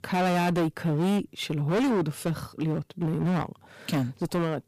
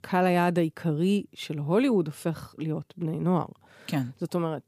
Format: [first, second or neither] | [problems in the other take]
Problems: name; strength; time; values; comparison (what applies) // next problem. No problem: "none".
second | distortion; heavy; 19% of the sound clipped